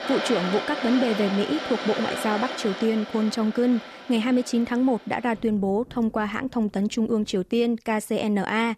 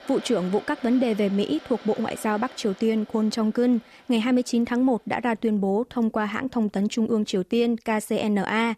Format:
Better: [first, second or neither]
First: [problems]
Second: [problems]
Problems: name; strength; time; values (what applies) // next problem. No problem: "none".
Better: second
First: rain or running water; loud; throughout; 7 dB below the speech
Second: rain or running water; faint; throughout; 20 dB below the speech